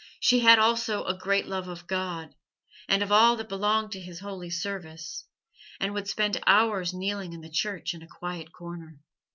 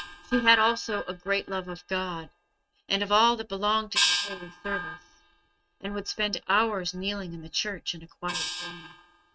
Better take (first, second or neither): first